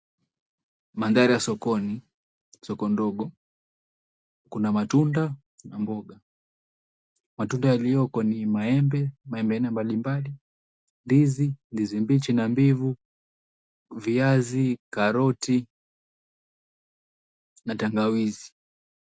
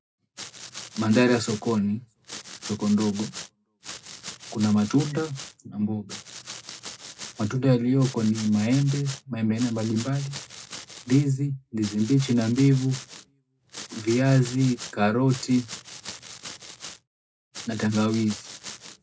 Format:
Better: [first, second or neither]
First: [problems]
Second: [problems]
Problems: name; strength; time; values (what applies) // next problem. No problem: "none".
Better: first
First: none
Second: background sound (Domestic sounds, home sounds); 15 dB below the speech // room echo; dies away in 0.2 s